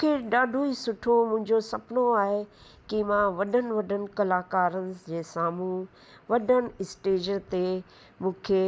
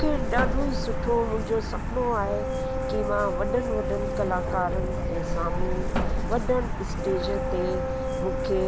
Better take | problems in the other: first | background sound (Wind instrument, woodwind instrument + Truck); 2 dB above the speech

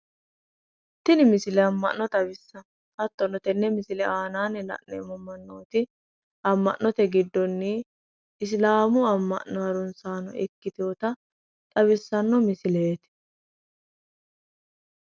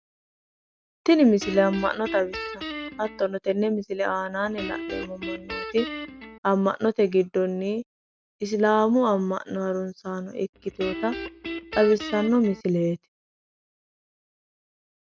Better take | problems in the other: first | background sound (Guitar); 9 dB below the speech

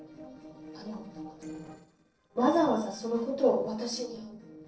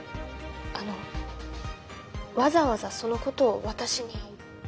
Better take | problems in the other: second | noise reduction (neural separator model SepFormer DNS4)

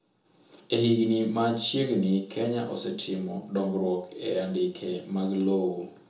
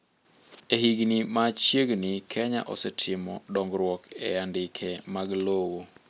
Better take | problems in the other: second | room echo; dies away in 1 s

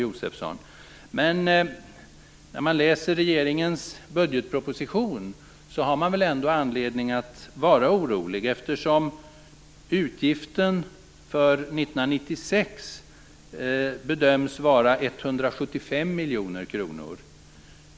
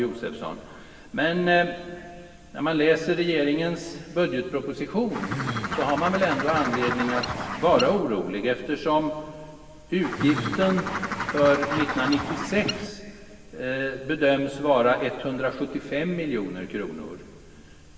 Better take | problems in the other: first | background sound (Bird); 4 dB below the speech // room echo; dies away in 2.6 s

